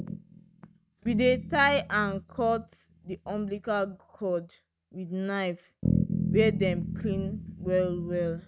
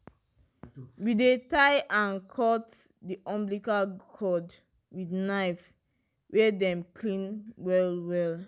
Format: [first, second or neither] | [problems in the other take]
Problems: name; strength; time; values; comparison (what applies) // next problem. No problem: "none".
second | noise reduction (neural mask model RNNoise)